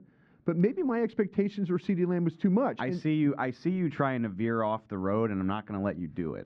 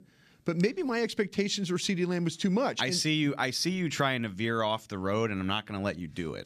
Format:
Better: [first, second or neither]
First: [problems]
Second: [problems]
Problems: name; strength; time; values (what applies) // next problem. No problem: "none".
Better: second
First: muffled; very; fading above 1 kHz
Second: none